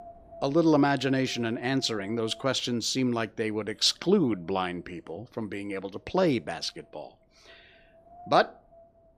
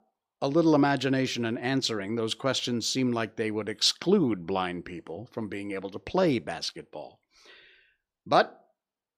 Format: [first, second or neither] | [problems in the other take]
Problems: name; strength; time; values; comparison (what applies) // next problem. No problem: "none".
second | wind noise on the microphone; occasional gusts; 25 dB below the speech